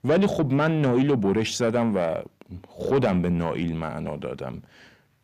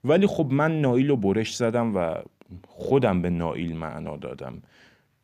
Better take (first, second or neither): second